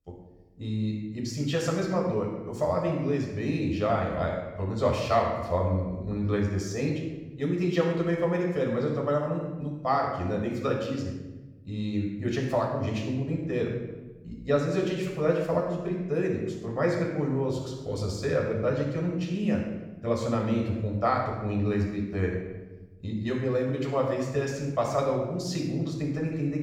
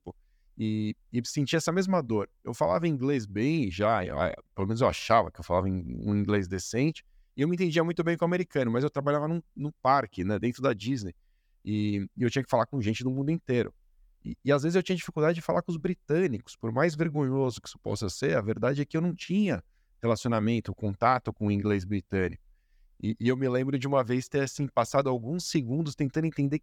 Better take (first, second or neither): second